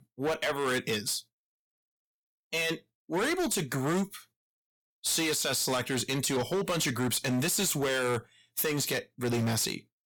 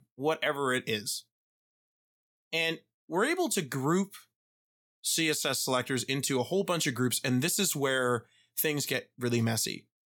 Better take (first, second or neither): second